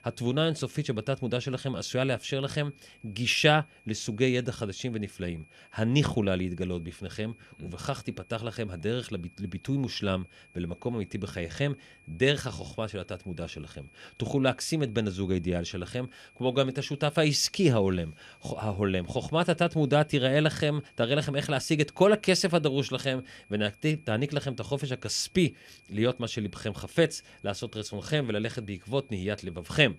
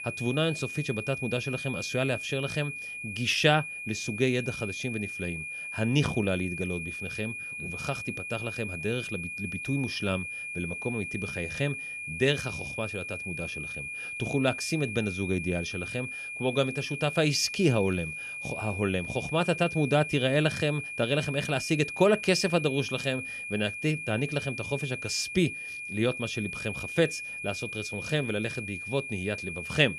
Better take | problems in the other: first | high-pitched whine; loud; throughout; 2.5 kHz, 5 dB below the speech; faint in the first

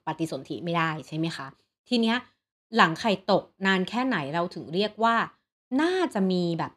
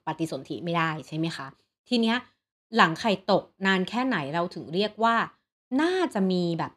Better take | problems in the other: neither | none

